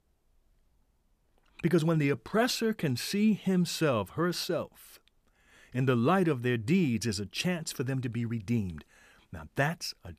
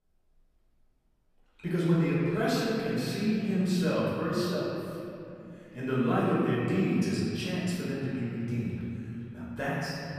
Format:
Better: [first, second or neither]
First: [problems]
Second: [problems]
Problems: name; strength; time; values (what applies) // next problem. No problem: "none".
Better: first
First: none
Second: room echo; strong; dies away in 2.8 s // off-mic speech; far